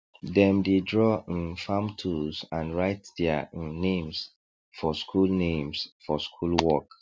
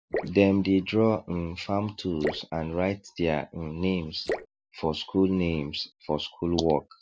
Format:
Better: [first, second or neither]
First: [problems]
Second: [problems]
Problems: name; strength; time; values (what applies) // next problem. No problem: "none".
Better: first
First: none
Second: noise reduction (neural mask model Resemble Enhance denoiser)